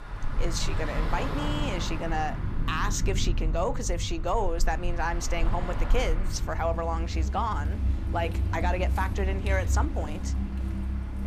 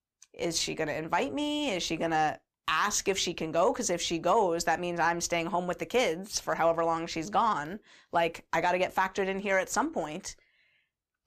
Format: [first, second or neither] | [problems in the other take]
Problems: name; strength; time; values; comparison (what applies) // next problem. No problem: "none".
second | traffic noise; very loud; throughout; 1 dB above the speech